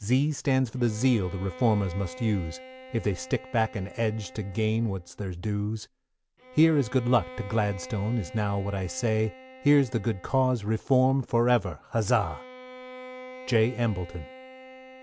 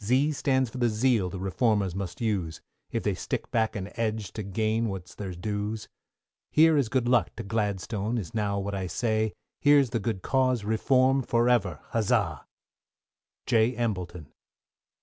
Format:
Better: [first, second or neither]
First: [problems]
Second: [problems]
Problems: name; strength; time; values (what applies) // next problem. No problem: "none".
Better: second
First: background sound (Bowed string instrument); 18 dB below the speech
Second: none